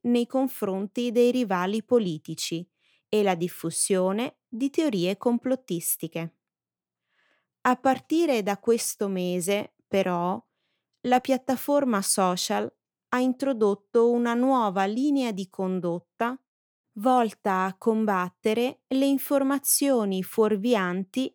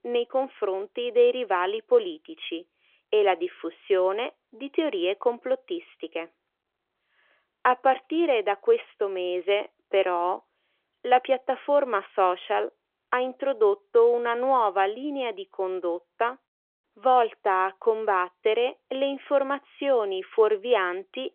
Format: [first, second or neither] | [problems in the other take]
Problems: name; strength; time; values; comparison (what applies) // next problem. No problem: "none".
first | phone-call audio; nothing above 3.5 kHz